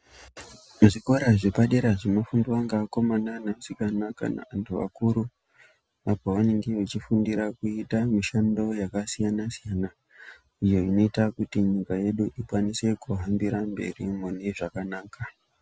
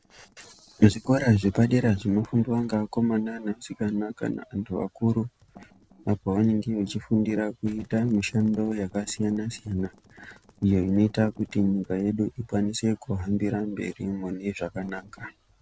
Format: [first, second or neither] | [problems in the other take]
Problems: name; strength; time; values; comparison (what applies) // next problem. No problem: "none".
first | noise reduction (neural separator model SepFormer DNS4)